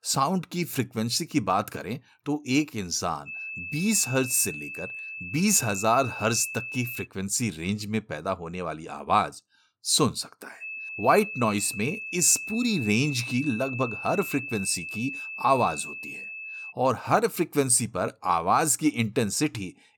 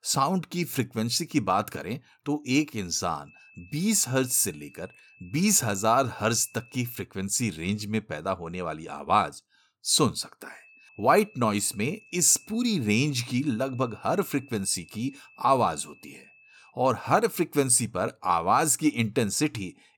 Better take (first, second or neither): second